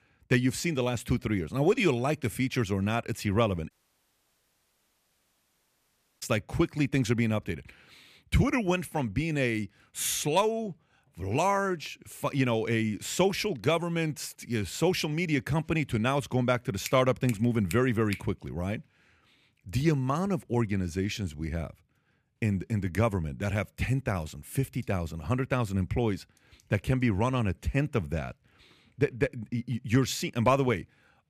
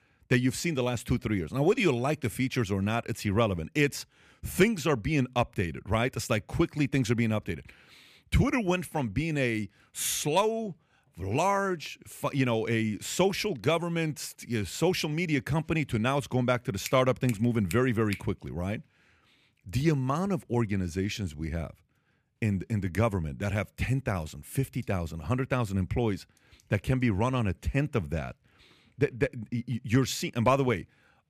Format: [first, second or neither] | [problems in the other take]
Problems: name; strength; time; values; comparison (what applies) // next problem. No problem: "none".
second | audio cutting out; at 3.5 s for 2.5 s